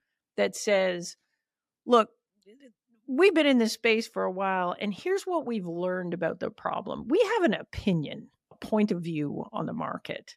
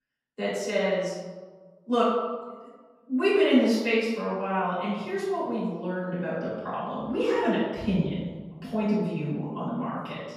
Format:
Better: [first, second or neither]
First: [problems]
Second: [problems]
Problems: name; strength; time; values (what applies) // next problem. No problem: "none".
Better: first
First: none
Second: room echo; noticeable; dies away in 1.3 s // off-mic speech; far